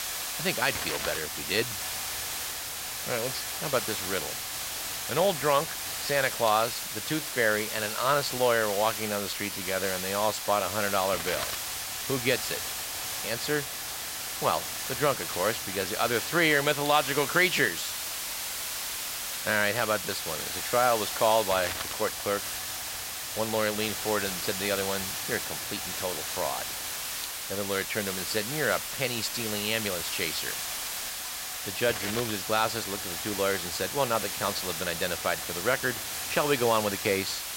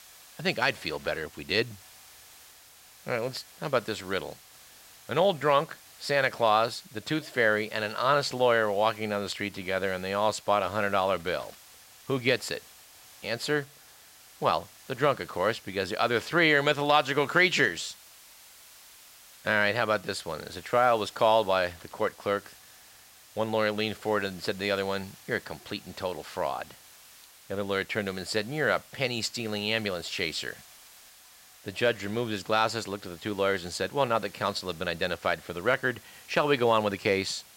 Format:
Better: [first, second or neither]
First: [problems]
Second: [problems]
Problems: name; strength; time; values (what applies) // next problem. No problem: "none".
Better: second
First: hiss; loud; throughout; 3 dB below the speech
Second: hiss; faint; throughout; 20 dB below the speech